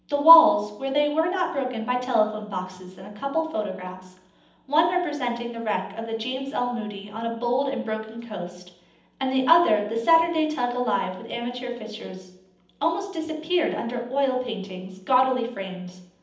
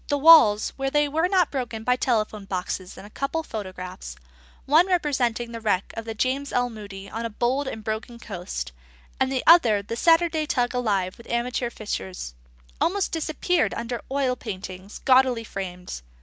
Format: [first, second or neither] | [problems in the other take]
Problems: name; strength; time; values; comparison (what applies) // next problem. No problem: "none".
second | room echo; dies away in 0.8 s